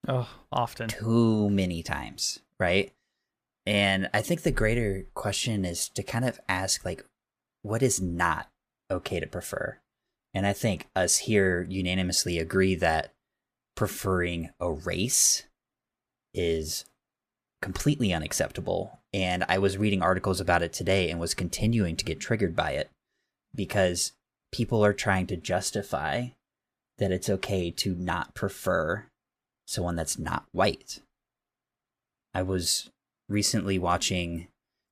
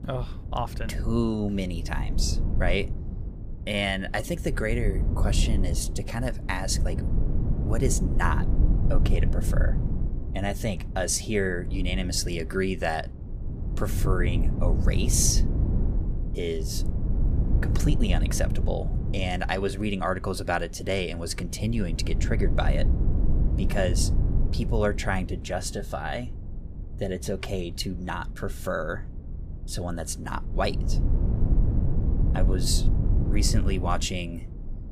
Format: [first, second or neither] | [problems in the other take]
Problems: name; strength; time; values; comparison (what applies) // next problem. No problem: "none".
first | low rumble; noticeable; throughout; 10 dB below the speech